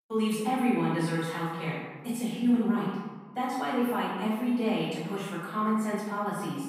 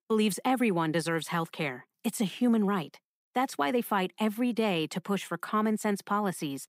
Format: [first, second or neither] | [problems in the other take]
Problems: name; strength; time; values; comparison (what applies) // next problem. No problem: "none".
second | off-mic speech; far // room echo; noticeable; dies away in 1.2 s